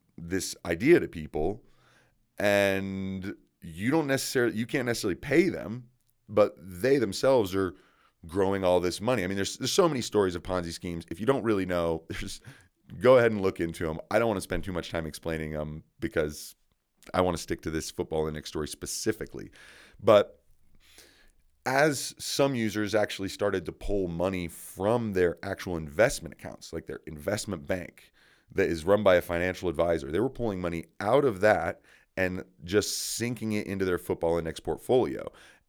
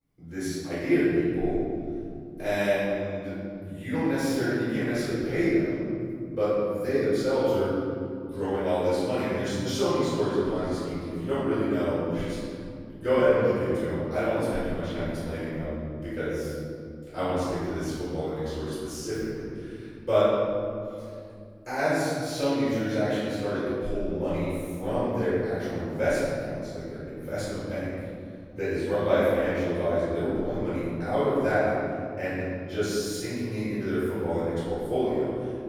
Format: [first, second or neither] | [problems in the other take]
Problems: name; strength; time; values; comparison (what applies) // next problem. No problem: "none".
first | off-mic speech; far // room echo; strong; dies away in 3 s